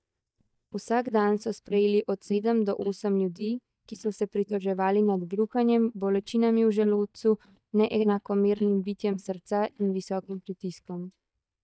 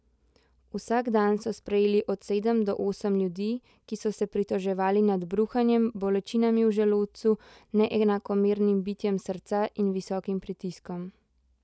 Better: second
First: noise reduction (neural mask model DeepFilterNet 3)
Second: none

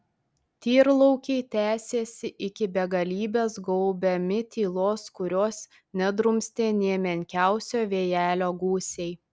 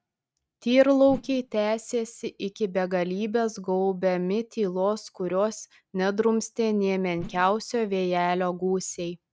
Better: first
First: none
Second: noise reduction (neural mask model RNNoise)

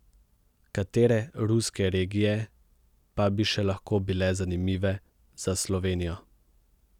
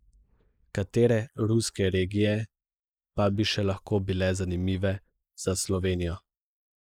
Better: first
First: none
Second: noise reduction (neural mask model Resemble Enhance denoiser)

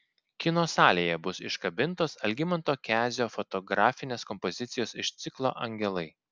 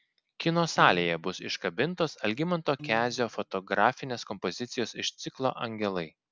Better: first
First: none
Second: background sound (Piano); 17 dB below the speech

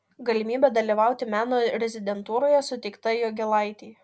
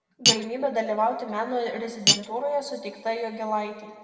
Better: first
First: none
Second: background sound (Cutlery, silverware); as loud as the speech // room echo; dies away in 1.5 s

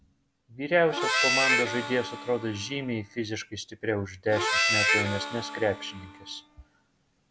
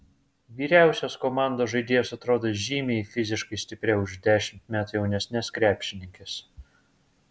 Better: second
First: background sound (Harmonica); 1 dB above the speech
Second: none

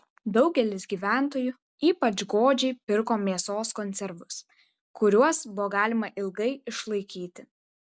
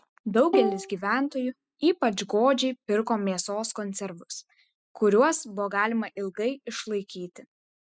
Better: first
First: none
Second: noise reduction (classical method spectral subtraction)

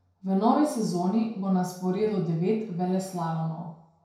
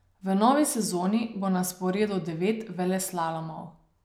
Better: second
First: room echo; dies away in 0.6 s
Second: none

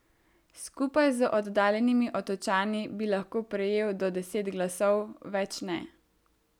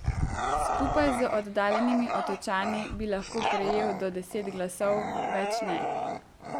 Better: first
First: none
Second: background sound (Bark / Growling); 1 dB below the speech

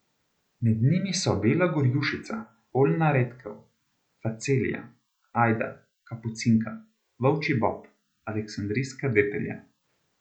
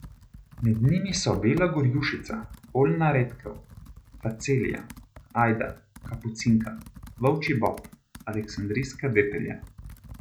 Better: first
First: none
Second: background sound (Computer keyboard); 18 dB below the speech

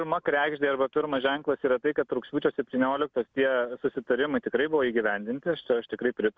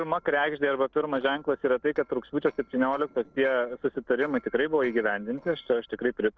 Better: first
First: none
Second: noise reduction (neural separator model SepFormer DNS4)

